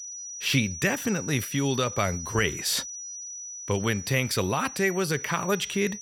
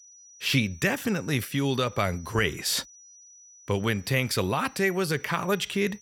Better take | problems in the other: second | high-pitched whine; loud; throughout; 6 kHz, 9 dB below the speech; faint in the second

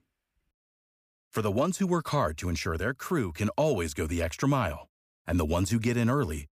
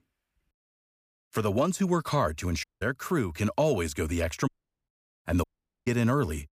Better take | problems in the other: first | audio cutting out; at 2.5 s, at 4.5 s and at 5.5 s

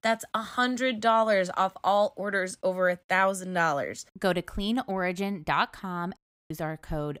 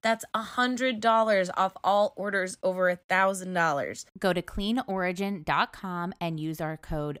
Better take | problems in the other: second | audio cutting out; at 6 s

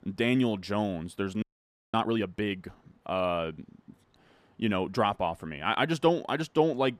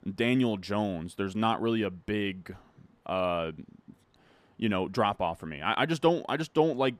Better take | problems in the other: second | audio freezing; at 1.5 s for 0.5 s

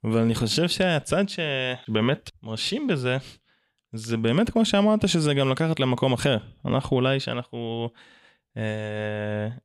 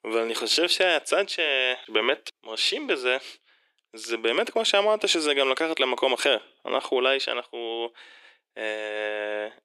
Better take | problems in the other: first | thin; very; fading below 350 Hz

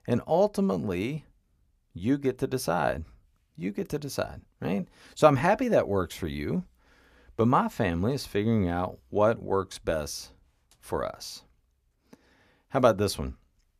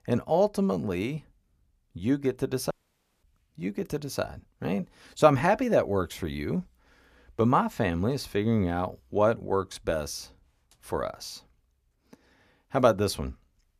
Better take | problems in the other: first | audio cutting out; at 2.5 s for 0.5 s

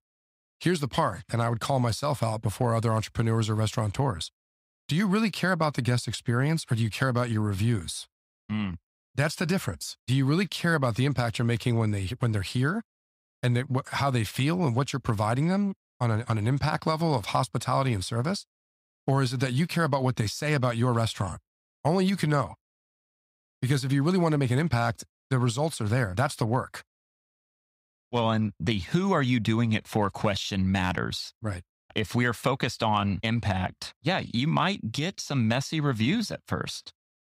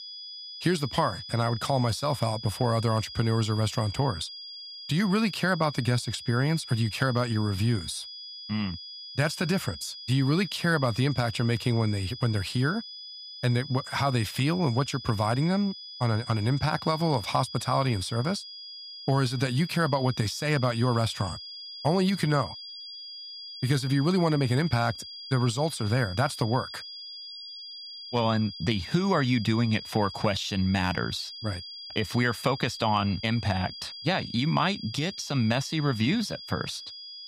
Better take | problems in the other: first | high-pitched whine; noticeable; throughout; 5 kHz, 10 dB below the speech

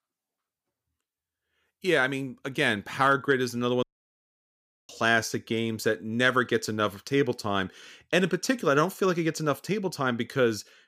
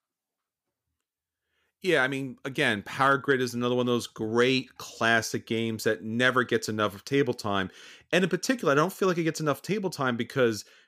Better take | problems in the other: second | audio cutting out; at 4 s for 1 s

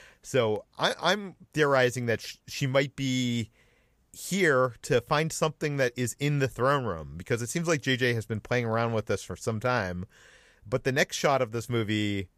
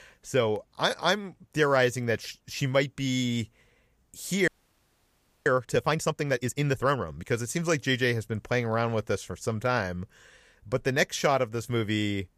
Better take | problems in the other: first | audio freezing; at 4.5 s for 1 s

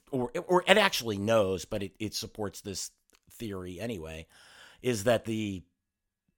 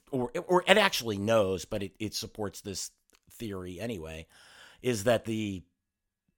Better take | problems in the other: neither | none

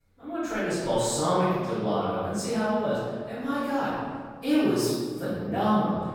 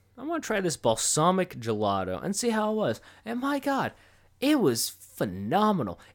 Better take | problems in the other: second | off-mic speech; far // room echo; strong; dies away in 1.6 s

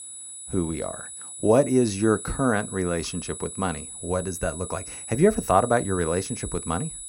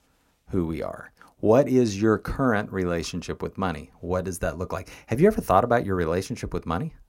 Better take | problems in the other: second | high-pitched whine; loud; throughout; 10 kHz, 10 dB below the speech

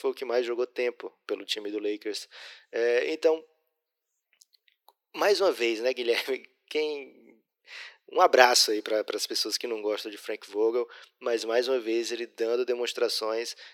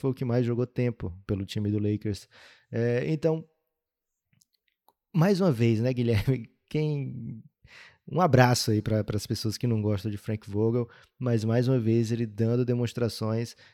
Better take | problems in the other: second | thin; very; fading below 350 Hz

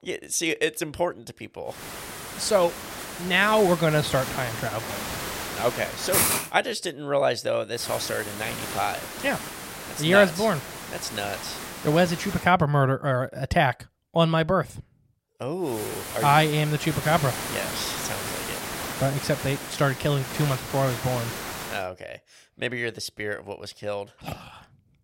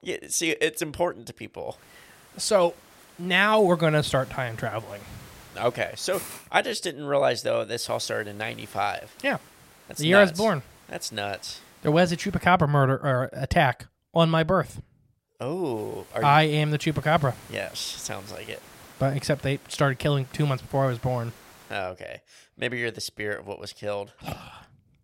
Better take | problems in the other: second | hiss; loud; from 2 to 6.5 s, from 8 to 12 s and from 16 to 22 s; 6 dB below the speech; faint in the second

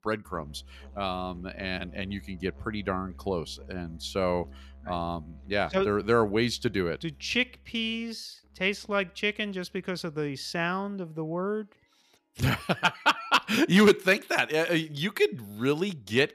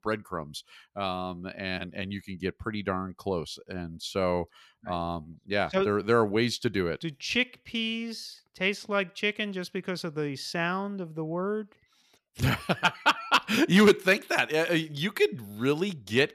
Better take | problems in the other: second | background music; faint; throughout; 25 dB below the speech

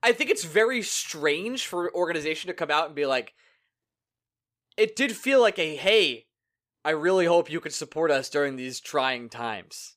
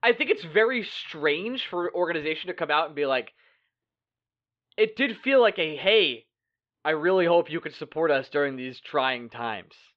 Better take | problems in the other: first | muffled; slightly; fading above 3.5 kHz

